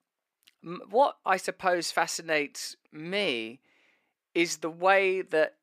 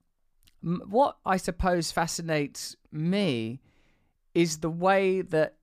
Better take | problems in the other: second | thin; somewhat; fading below 400 Hz

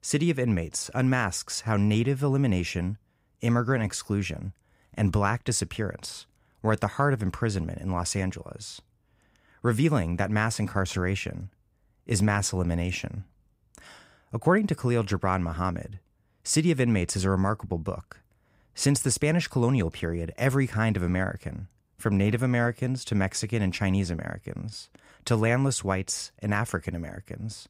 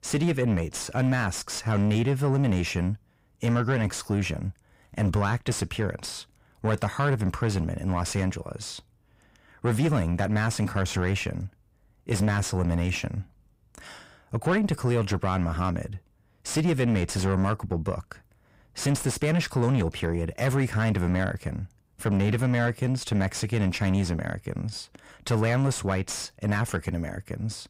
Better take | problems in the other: first | distortion; slight; 10 dB below the speech

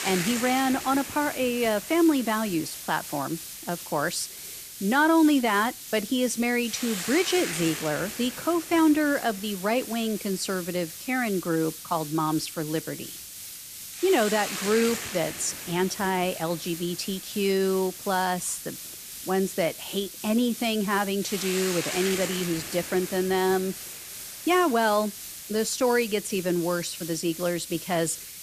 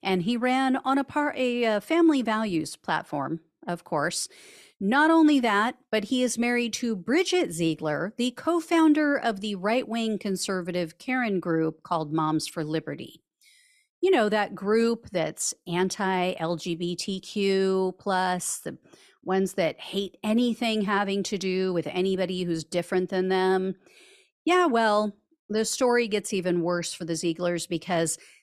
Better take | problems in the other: second | hiss; loud; throughout; 9 dB below the speech

